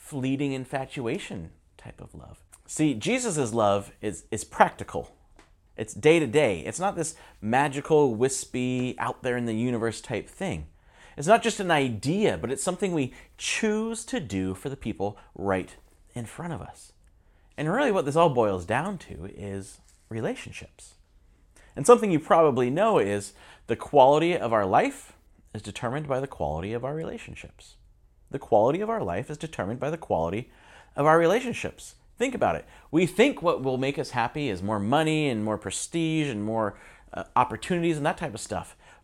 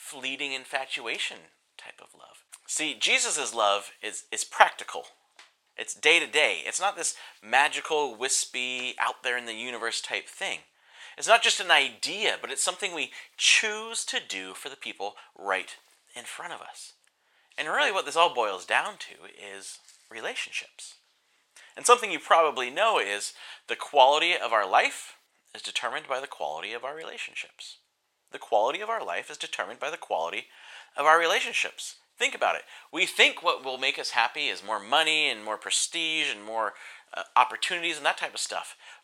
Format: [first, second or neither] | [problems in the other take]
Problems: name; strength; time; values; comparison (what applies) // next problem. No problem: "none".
first | thin; very; fading below 800 Hz